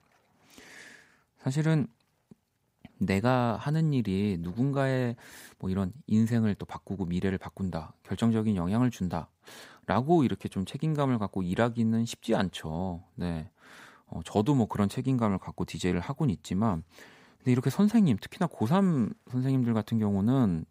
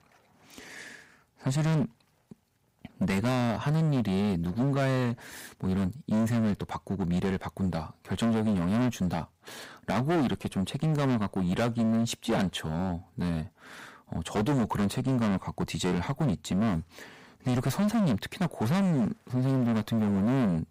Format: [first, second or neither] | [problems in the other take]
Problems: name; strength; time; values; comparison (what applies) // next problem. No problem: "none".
first | distortion; heavy; 18% of the sound clipped